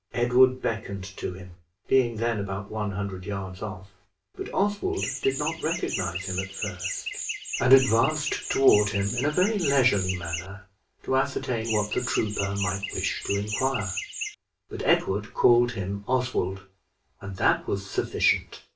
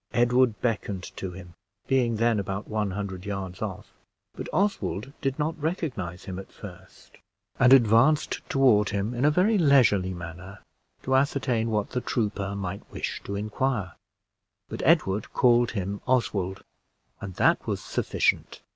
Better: second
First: background sound (Chirp, tweet); 6 dB below the speech // room echo; dies away in 0.3 s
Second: none

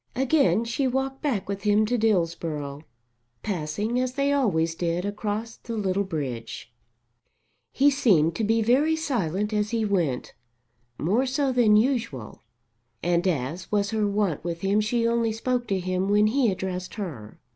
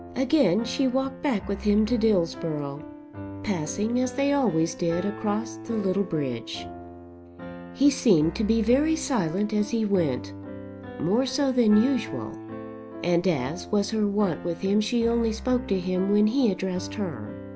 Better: first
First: none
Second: background sound (Piano); 13 dB below the speech

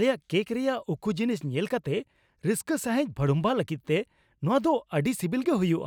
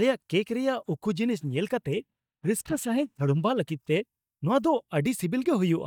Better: first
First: none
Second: noise reduction (neural mask model DeepFilterNet 3)

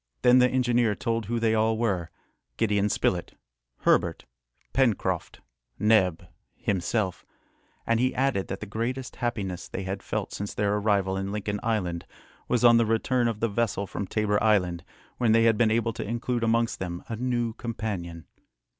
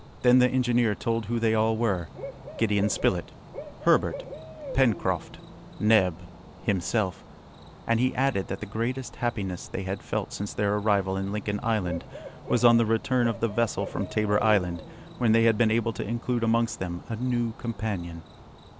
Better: first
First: none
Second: background sound (Cricket / Bird); 15 dB below the speech

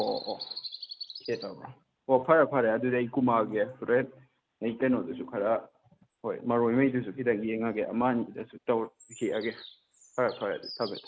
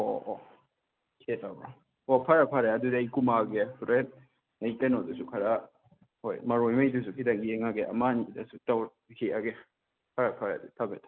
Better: second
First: background sound (Bird vocalization, bird call, bird song); 20 dB below the speech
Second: none

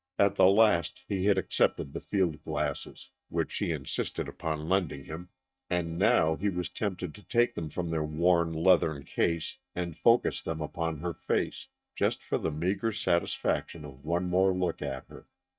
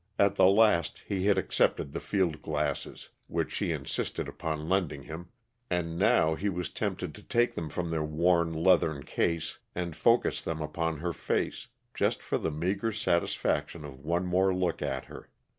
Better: second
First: noise reduction (neural mask model DeepFilterNet 3)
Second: none

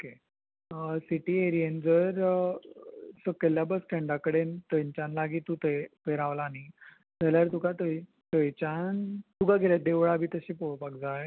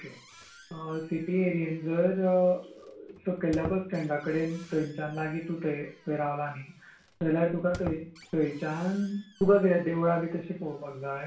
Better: first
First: none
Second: background sound (Squeak); 20 dB below the speech // room echo; dies away in 0.3 s

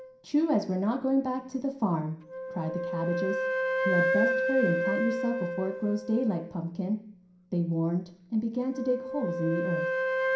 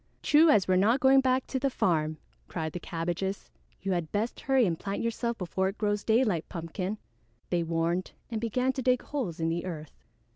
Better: second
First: background sound (Wind instrument, woodwind instrument); 2 dB below the speech // room echo; dies away in 0.5 s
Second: none

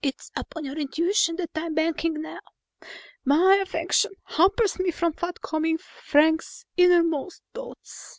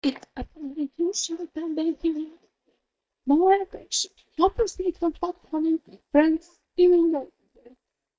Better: first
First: none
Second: noise reduction (neural mask model DeepFilterNet 3)

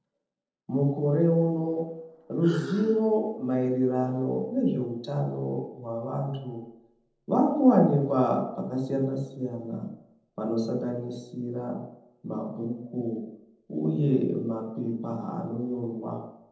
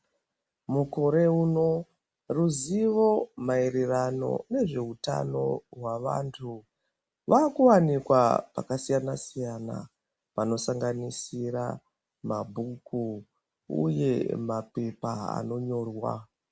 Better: second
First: noise reduction (neural separator model SepFormer DNS4)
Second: none

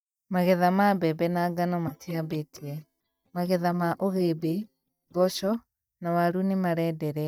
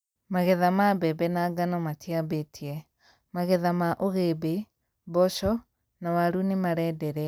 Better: second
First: noise reduction (neural mask model DeepFilterNet 3)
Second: none

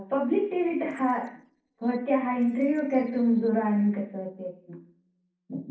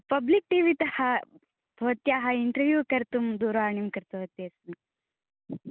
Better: second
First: noise reduction (neural separator model SepFormer DNS4)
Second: none

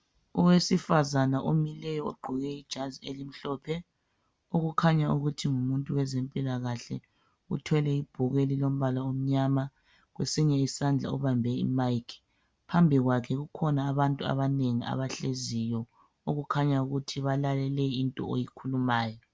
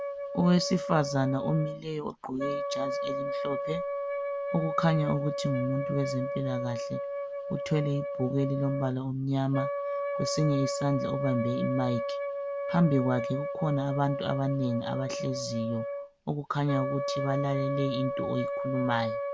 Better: first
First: none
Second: background sound (Wind instrument, woodwind instrument); 3 dB below the speech

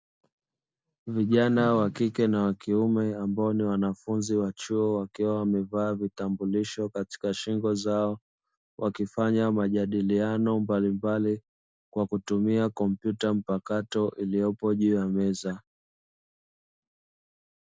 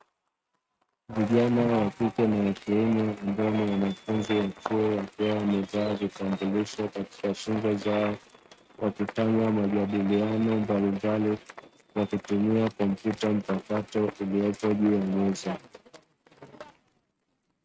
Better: first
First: none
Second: noise reduction (neural mask model RNNoise)

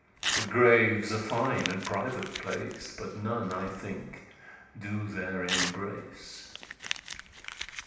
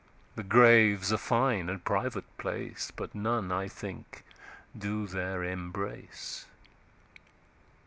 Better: second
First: background sound (Crumpling, crinkling / Tearing); 8 dB below the speech // room echo; dies away in 0.9 s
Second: none

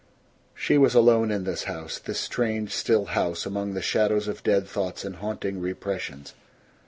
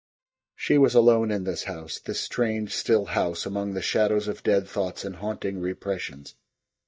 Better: first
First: none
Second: noise reduction (neural mask model DeepFilterNet 3)

